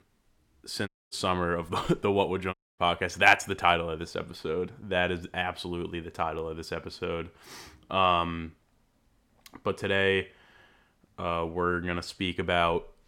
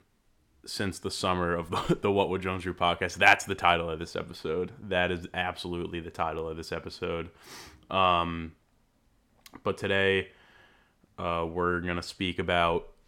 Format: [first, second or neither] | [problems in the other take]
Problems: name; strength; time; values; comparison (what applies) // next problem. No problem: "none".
second | audio cutting out; at 1 s and at 2.5 s